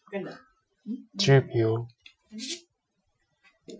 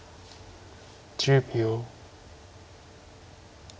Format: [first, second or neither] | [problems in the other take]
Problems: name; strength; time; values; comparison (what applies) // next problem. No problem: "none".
second | noise reduction (classical method Wiener filter)